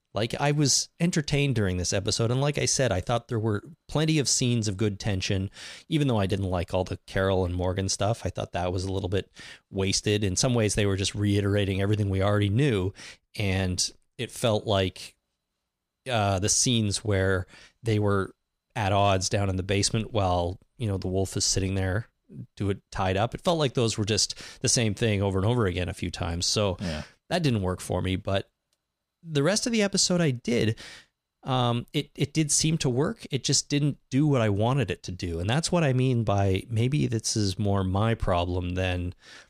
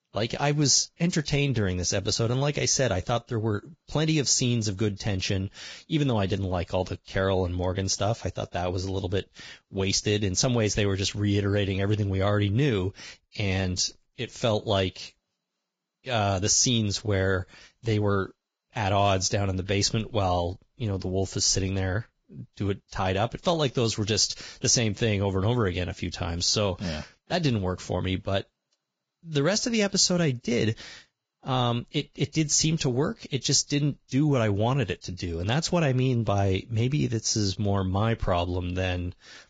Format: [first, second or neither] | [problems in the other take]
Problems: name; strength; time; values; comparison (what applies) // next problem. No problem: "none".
first | garbled, watery; badly; nothing above 7.5 kHz